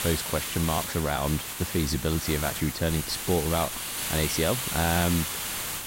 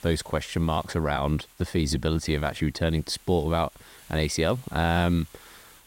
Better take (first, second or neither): second